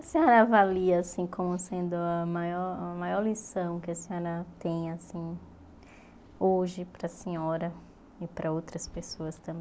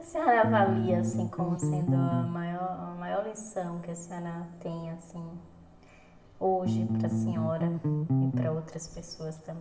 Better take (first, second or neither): first